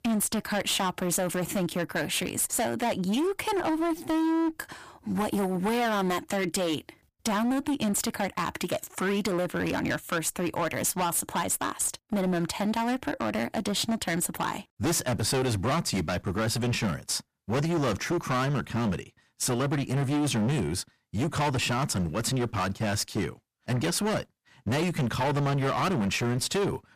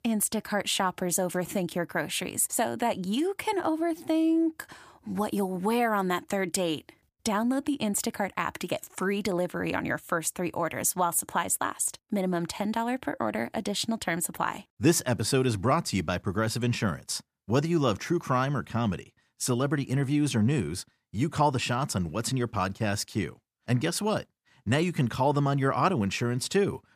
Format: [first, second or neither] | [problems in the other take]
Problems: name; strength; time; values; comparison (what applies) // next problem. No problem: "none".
second | distortion; heavy; 22% of the sound clipped